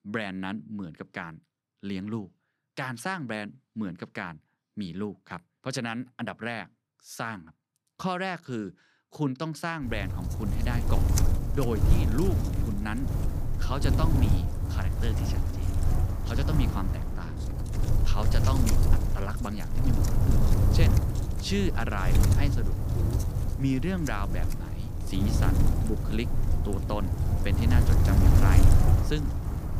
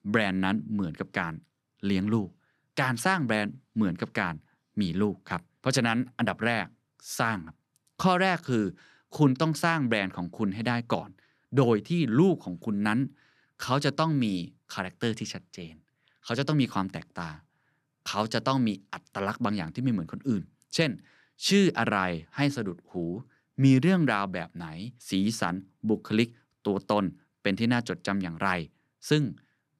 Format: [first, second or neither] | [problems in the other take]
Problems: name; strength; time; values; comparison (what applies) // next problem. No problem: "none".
second | wind noise on the microphone; heavy; from 10 s on; 2 dB below the speech